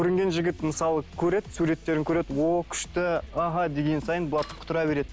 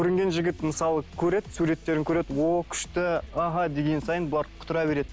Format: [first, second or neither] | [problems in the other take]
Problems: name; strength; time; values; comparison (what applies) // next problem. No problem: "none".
second | background sound (Printer); 16 dB below the speech